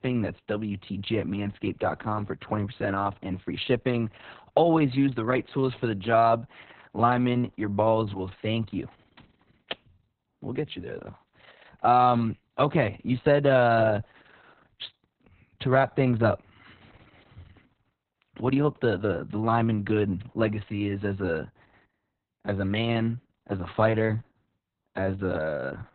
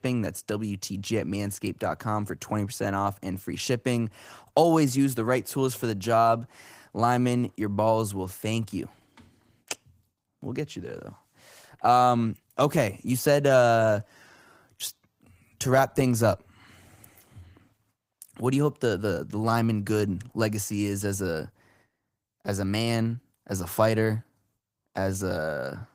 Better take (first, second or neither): second